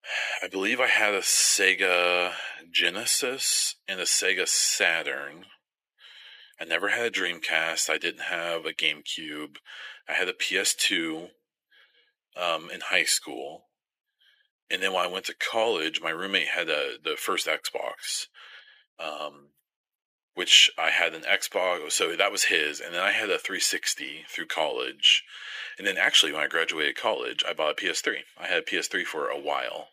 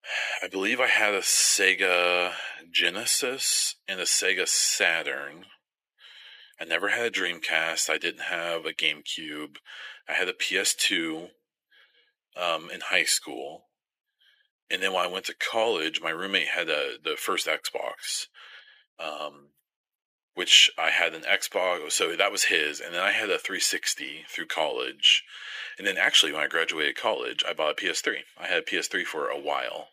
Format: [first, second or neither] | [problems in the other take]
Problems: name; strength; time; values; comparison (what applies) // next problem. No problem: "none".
neither | thin; very; fading below 400 Hz; the same in both